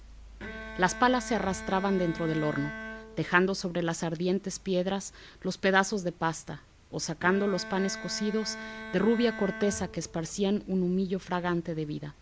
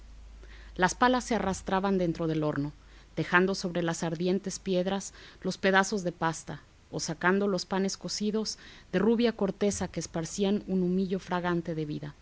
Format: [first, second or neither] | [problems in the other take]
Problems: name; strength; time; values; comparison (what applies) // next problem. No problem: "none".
second | background sound (Bowed string instrument); 12 dB below the speech